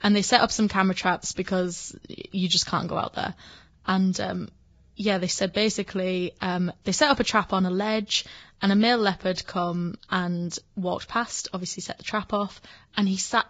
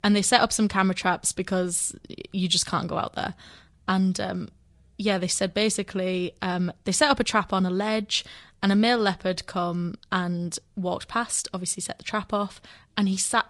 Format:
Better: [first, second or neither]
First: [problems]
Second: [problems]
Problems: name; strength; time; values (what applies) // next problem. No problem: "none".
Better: second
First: garbled, watery; badly; nothing above 7.5 kHz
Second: garbled, watery; slightly; nothing above 10.5 kHz